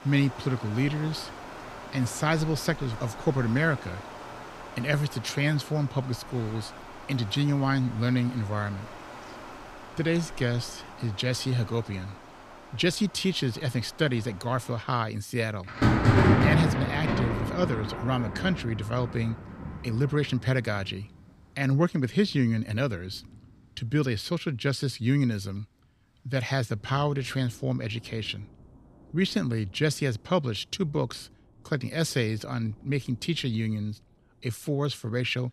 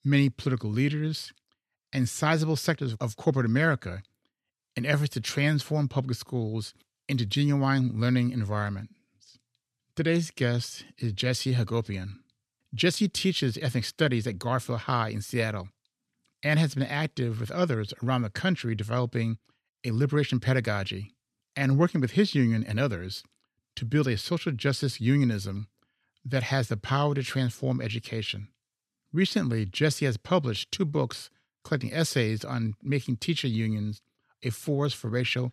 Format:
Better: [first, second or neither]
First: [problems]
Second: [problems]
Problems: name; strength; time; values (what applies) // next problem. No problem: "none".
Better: second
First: rain or running water; loud; throughout; 4 dB below the speech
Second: none